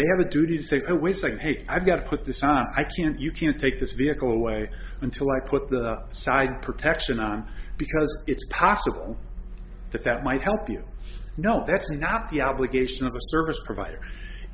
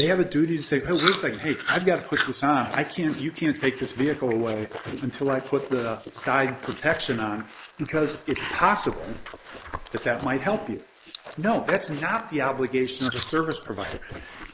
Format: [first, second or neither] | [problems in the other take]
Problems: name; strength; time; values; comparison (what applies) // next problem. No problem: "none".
first | noise reduction (neural mask model Resemble Enhance denoiser)